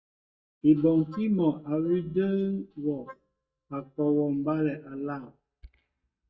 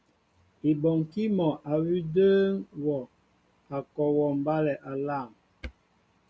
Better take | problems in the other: second | noise reduction (neural mask model DeepFilterNet 3)

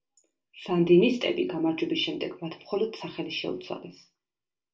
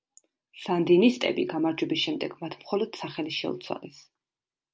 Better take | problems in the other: second | room echo; dies away in 0.3 s

